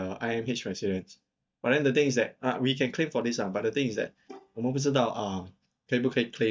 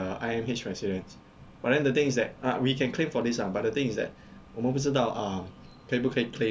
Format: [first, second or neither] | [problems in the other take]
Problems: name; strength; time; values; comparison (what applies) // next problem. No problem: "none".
second | noise reduction (neural mask model DeepFilterNet 3)